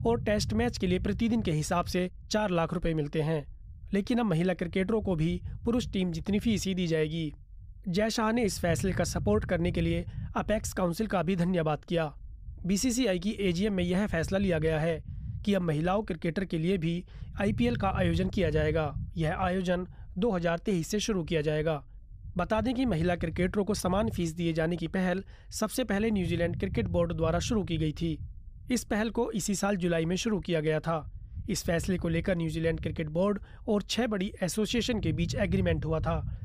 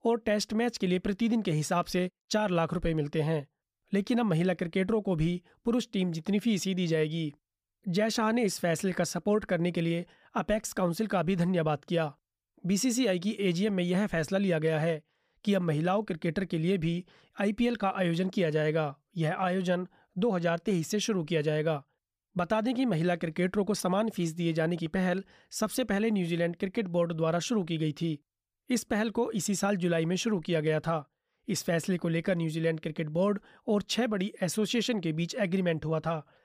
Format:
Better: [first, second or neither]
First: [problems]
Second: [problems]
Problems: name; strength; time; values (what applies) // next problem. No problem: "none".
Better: second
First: low rumble; faint; throughout; 20 dB below the speech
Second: none